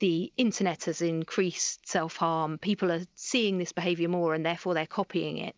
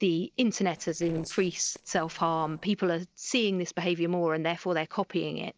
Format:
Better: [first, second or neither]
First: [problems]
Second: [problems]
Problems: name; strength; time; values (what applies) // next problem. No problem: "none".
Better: first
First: none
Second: noise reduction (neural separator model SepFormer DNS4)